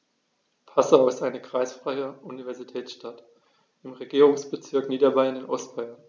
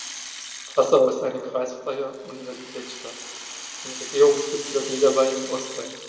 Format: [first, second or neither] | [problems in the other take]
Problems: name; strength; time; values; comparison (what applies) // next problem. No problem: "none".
first | background sound (Rattle (instrument)); 13 dB below the speech // room echo; dies away in 2.3 s